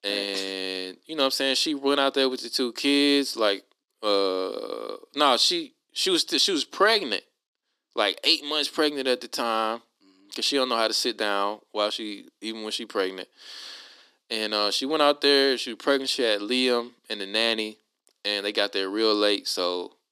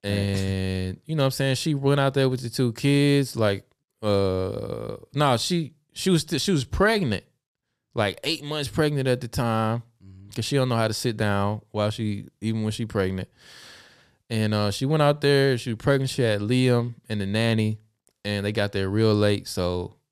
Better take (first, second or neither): second